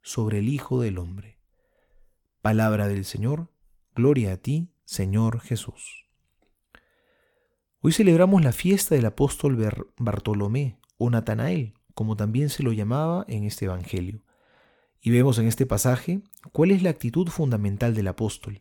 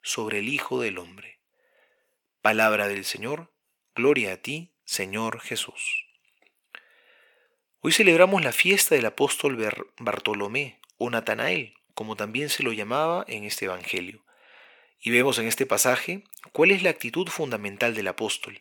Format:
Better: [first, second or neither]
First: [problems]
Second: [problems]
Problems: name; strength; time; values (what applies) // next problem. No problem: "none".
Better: first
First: none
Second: thin; very; fading below 450 Hz